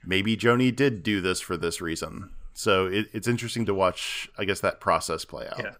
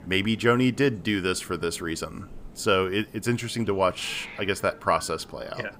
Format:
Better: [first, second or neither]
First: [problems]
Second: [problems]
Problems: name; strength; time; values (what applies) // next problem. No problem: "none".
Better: first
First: none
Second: hiss; faint; throughout; 20 dB below the speech